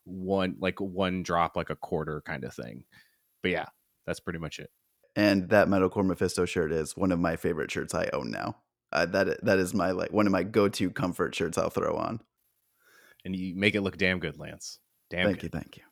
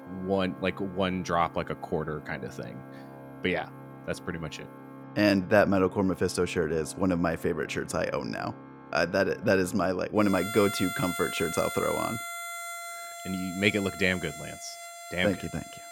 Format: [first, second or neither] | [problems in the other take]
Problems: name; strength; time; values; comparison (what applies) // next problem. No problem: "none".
first | background music; noticeable; throughout; 10 dB below the speech